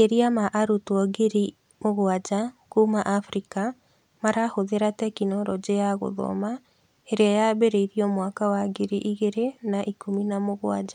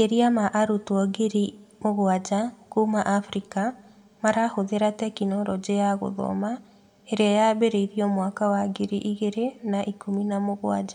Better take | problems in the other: first | room echo; dies away in 1.2 s

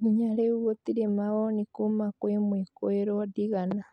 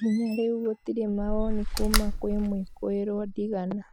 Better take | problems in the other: first | background sound (Slam); 3 dB below the speech

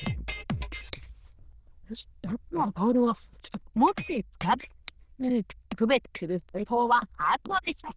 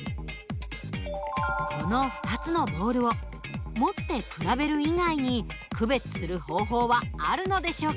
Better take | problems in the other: second | noise reduction (neural diffusion model UNIVERSE++)

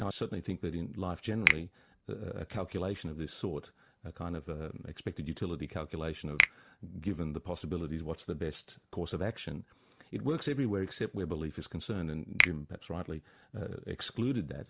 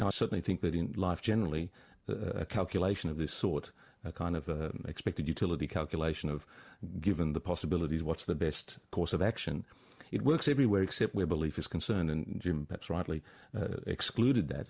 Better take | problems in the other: second | background sound (Finger snapping); 1 dB above the speech

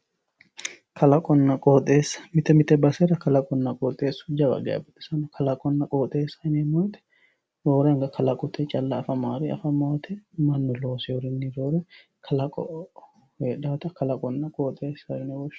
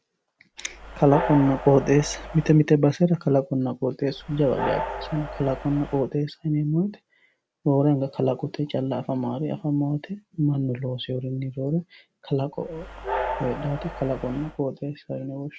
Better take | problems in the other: first | background sound (Train); 9 dB below the speech

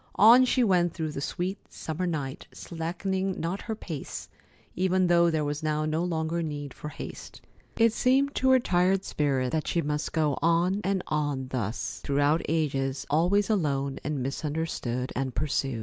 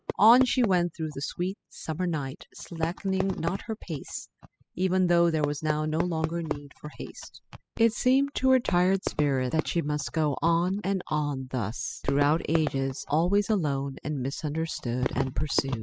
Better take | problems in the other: first | noise reduction (classical method spectral subtraction)

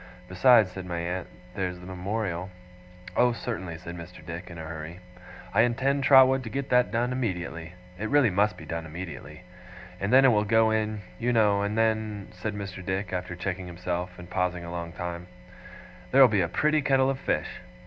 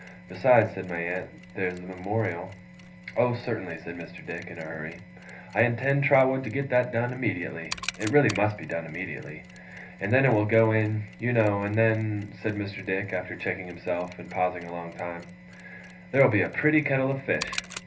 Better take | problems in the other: first | background sound (Mechanisms); 19 dB below the speech // room echo; dies away in 0.3 s

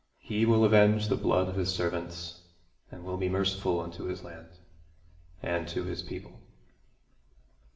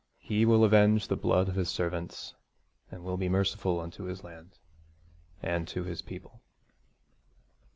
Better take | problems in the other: second | room echo; dies away in 0.7 s

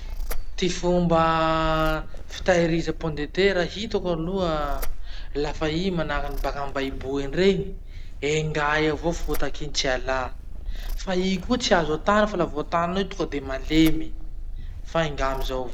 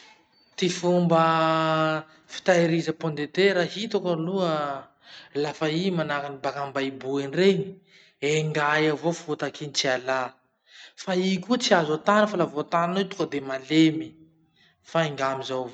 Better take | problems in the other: second | background sound (Purr); 4 dB below the speech

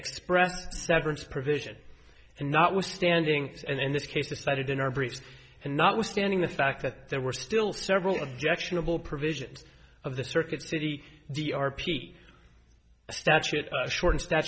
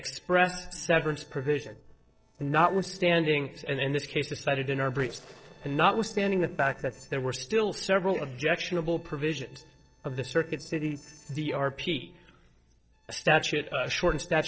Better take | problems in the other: first | noise reduction (neural separator model SepFormer DNS4)

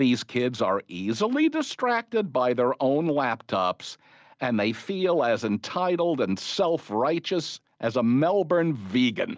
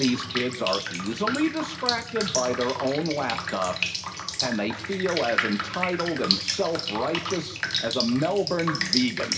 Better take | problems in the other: first | background sound (Drip); 3 dB below the speech // room echo; dies away in 0.8 s

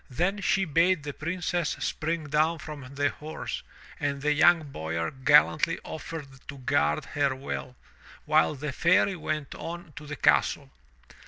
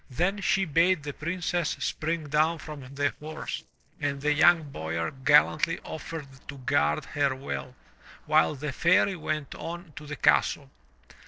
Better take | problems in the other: first | noise reduction (neural separator model SepFormer DNS4)

